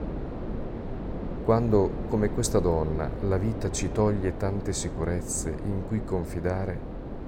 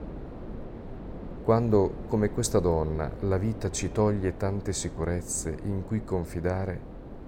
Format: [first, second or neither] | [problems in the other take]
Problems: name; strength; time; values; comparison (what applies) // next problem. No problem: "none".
second | wind noise on the microphone; heavy; 10 dB below the speech; occasional gusts in the second